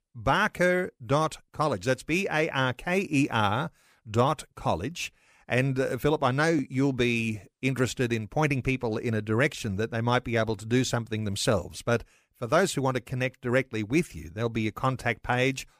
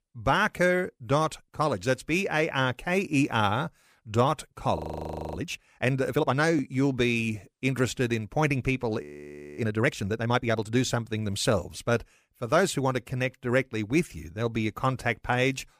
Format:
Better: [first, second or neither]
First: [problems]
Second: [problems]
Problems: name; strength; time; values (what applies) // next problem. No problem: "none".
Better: first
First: none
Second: audio freezing; at 5 s for 0.5 s and at 9 s for 0.5 s